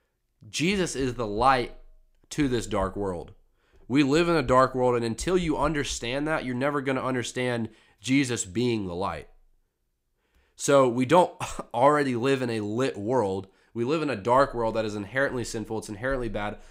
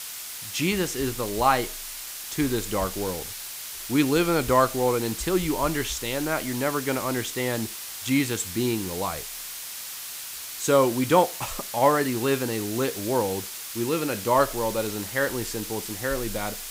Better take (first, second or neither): first